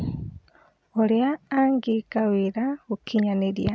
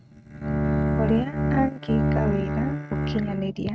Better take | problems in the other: first | noise reduction (neural mask model RNNoise)

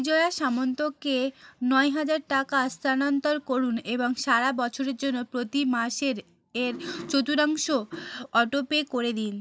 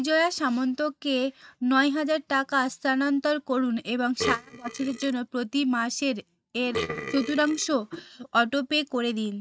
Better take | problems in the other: first | noise reduction (neural mask model RNNoise)

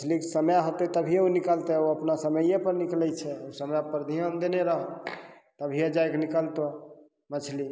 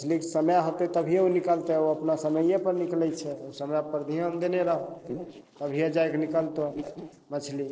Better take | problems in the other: first | noise reduction (neural separator model SepFormer DNS4)

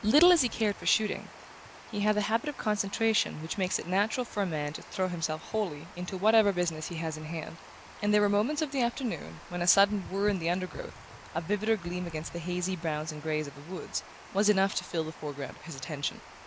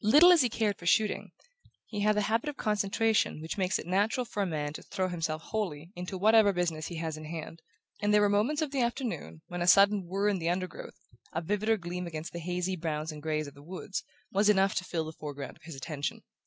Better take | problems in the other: second | background sound (Water); 17 dB below the speech

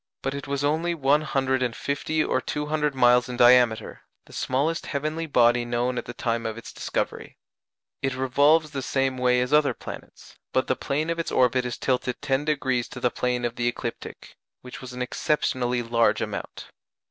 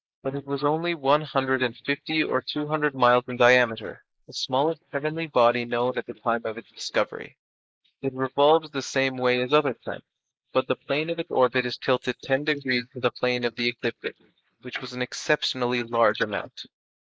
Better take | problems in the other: first | noise reduction (neural mask model Resemble Enhance denoiser)

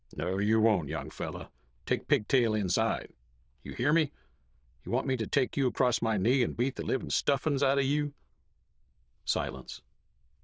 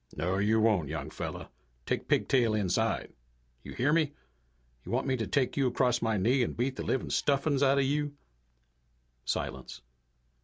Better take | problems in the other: second | noise reduction (neural diffusion model UNIVERSE++)

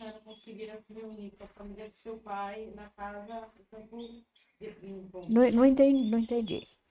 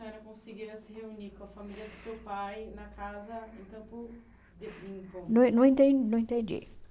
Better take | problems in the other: second | noise reduction (neural mask model RNNoise)

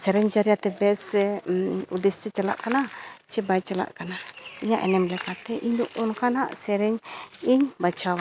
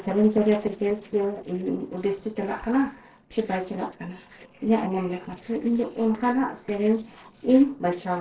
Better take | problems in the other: first | noise reduction (neural separator model SepFormer DNS4)

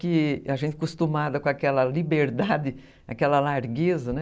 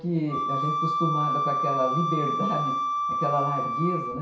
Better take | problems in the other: first | background sound (Wind instrument, woodwind instrument); 2 dB above the speech // room echo; dies away in 0.6 s

